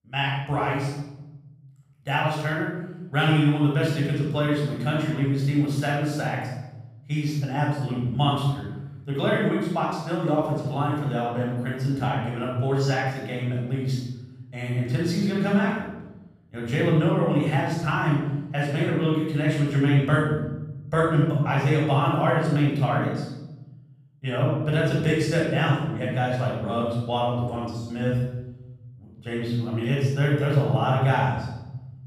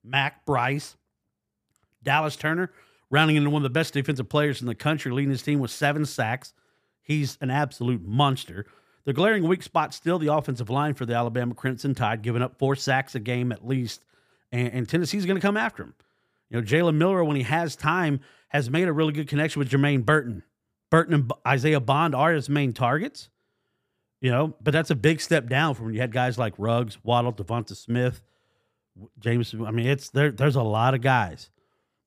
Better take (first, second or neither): second